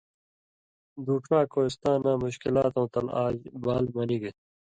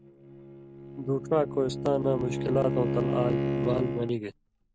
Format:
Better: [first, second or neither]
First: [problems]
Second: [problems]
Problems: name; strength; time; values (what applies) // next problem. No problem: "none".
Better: first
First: none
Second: background sound (Bowed string instrument); 2 dB below the speech